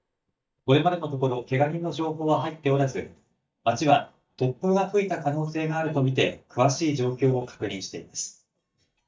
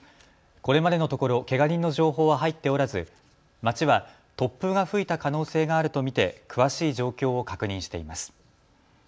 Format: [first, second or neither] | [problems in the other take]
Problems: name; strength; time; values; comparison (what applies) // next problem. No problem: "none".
second | noise reduction (neural mask model DeepFilterNet 3)